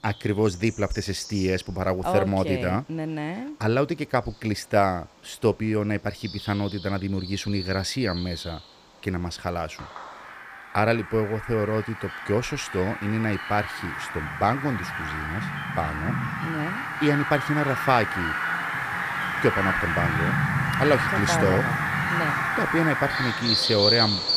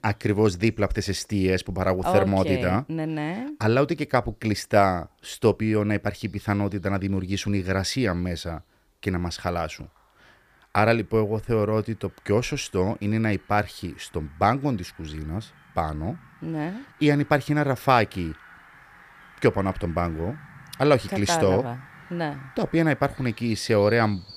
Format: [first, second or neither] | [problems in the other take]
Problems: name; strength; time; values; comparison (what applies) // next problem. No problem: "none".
second | animal sounds; loud; throughout; as loud as the speech; faint in the second